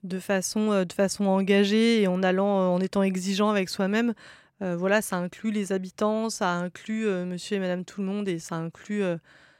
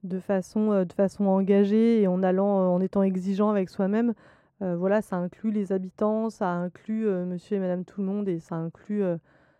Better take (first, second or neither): first